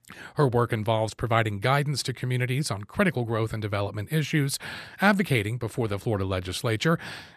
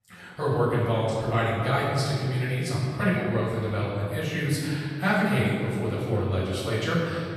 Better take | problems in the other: first | off-mic speech; far // room echo; strong; dies away in 2.1 s

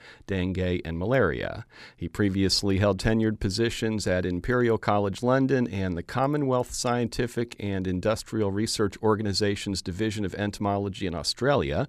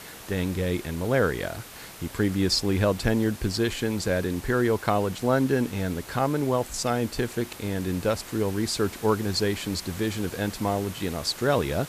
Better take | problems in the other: first | hiss; noticeable; throughout; 15 dB below the speech

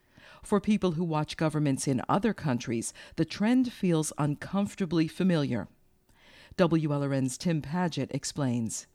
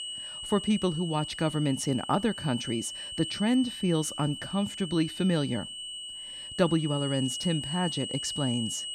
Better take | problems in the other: first | high-pitched whine; loud; throughout; 3 kHz, 7 dB below the speech

